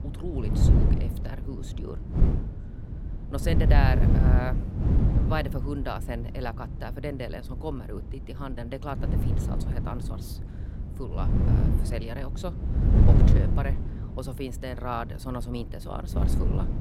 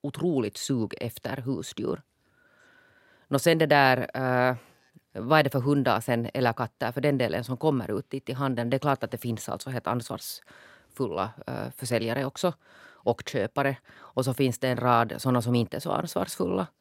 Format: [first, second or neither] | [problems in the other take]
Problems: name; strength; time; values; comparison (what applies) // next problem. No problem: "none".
second | wind noise on the microphone; heavy; 2 dB below the speech